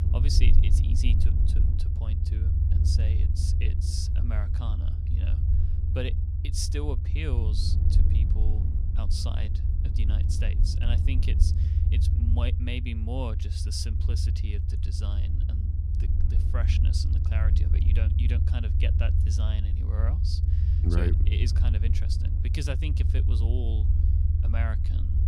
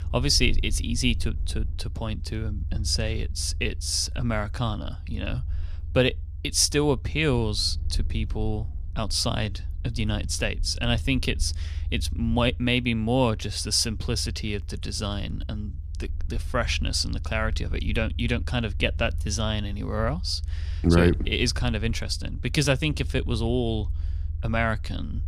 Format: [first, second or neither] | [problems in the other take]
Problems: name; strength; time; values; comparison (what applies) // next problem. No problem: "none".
second | low rumble; loud; throughout; 3 dB below the speech; faint in the second